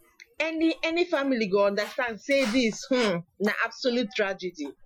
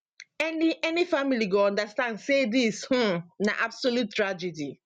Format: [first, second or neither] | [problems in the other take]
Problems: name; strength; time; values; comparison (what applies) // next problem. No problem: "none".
second | noise reduction (classical method Wiener filter)